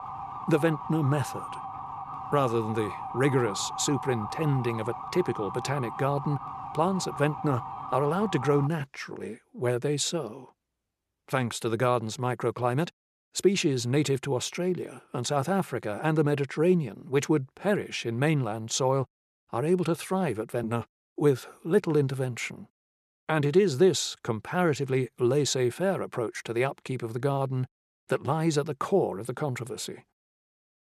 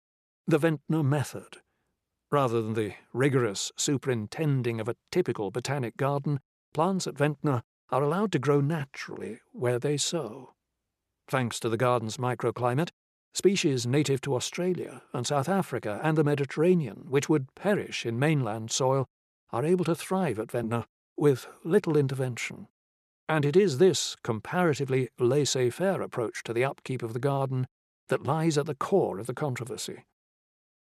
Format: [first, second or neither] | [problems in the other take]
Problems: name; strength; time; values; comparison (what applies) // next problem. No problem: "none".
second | siren; noticeable; until 8.5 s; peak 8 dB below the speech